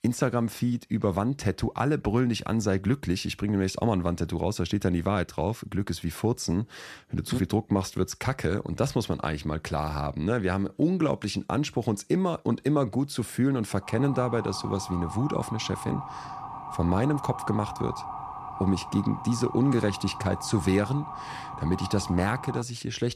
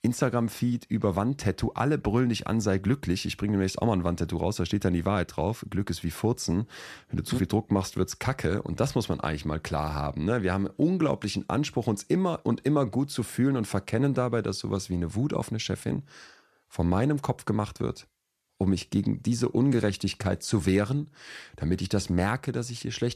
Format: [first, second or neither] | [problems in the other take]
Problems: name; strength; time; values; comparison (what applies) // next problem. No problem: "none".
second | siren; noticeable; from 14 to 23 s; peak 8 dB below the speech